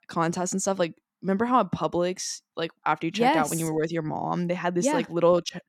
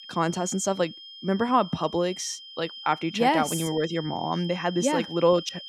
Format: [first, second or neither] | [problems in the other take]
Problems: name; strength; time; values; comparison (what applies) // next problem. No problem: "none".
first | high-pitched whine; noticeable; throughout; 3 kHz, 15 dB below the speech